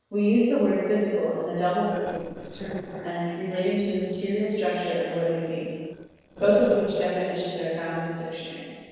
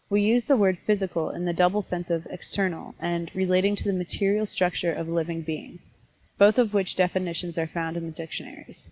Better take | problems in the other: second | noise reduction (neural separator model SepFormer DNS4)

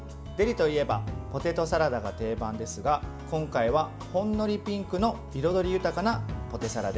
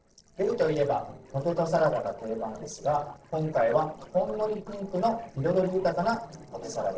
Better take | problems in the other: first | noise reduction (neural separator model SepFormer DNS4)

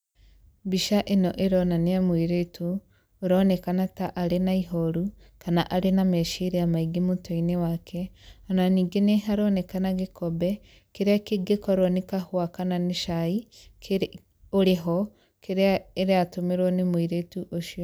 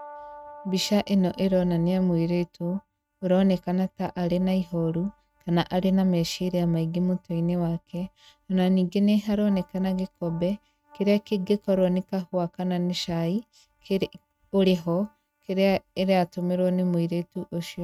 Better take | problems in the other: first | noise reduction (neural mask model RNNoise)

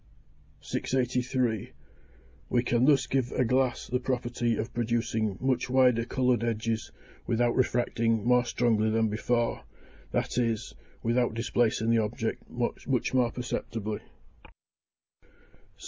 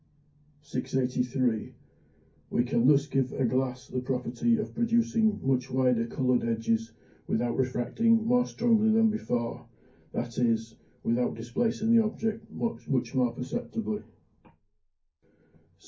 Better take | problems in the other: first | room echo; dies away in 0.3 s

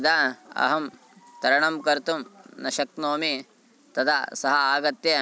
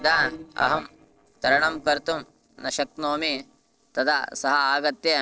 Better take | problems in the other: first | noise reduction (neural separator model SepFormer DNS4)

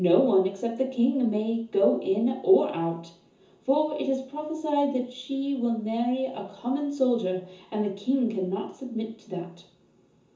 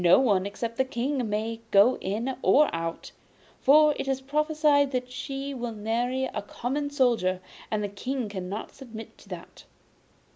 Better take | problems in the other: second | room echo; dies away in 0.6 s

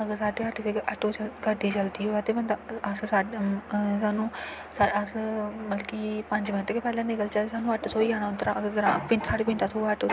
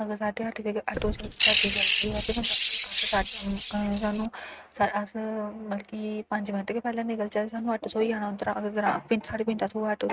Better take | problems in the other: first | noise reduction (neural mask model RNNoise)

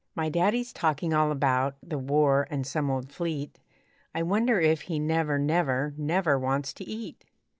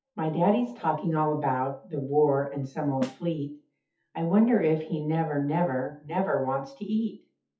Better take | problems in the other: first | noise reduction (classical method WPE with log-MMSE)

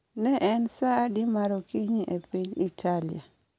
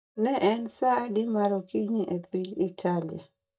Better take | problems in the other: first | noise reduction (neural mask model DeepFilterNet 3)

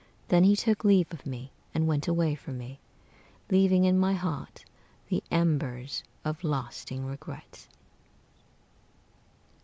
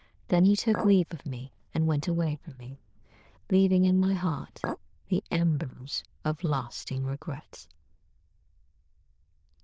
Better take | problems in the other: first | noise reduction (neural diffusion model UNIVERSE++)

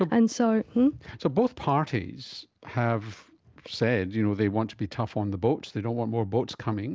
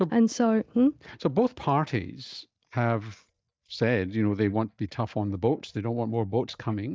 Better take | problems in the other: first | noise reduction (neural mask model DeepFilterNet 3)

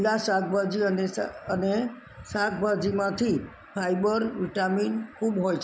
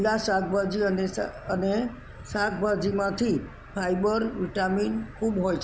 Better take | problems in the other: first | background sound (Idling / Accelerating, revving, vroom / Car); 18 dB below the speech

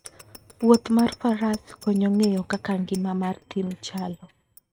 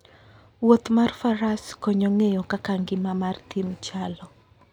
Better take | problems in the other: second | noise reduction (neural mask model RNNoise)

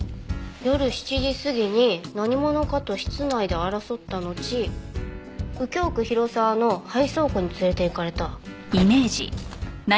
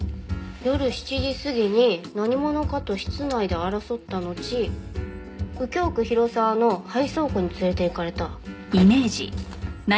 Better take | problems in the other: first | room echo; dies away in 0.3 s

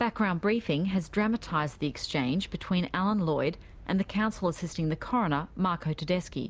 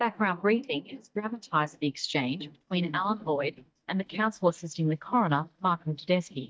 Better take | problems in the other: first | noise reduction (neural mask model DeepFilterNet 3)

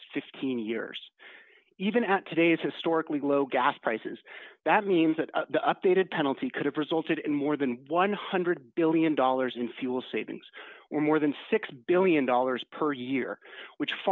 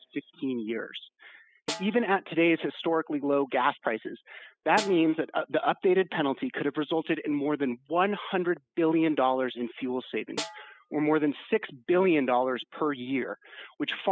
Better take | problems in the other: first | noise reduction (classical method spectral subtraction)

